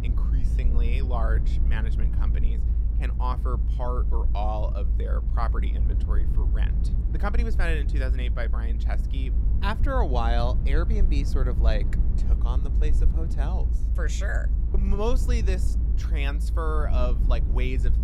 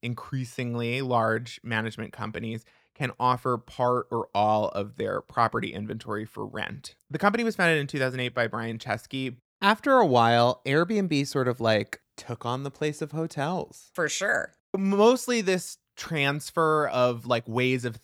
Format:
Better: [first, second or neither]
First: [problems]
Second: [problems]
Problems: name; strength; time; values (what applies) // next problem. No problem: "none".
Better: second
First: low rumble; noticeable; throughout; 10 dB below the speech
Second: none